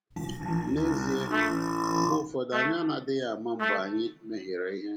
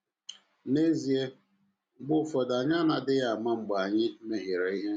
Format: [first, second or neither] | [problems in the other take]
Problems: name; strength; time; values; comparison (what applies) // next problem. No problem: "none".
second | background sound (Burping, eructation + Trumpet); 1 dB above the speech